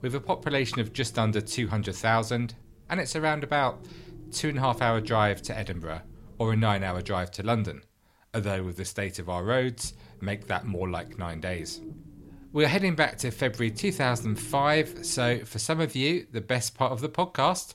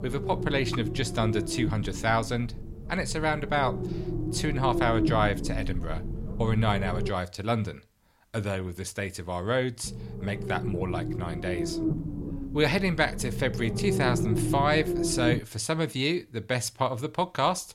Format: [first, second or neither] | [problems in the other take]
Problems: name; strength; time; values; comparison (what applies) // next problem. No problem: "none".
first | low rumble; loud; until 7 s and from 10 to 15 s; 8 dB below the speech; faint in the first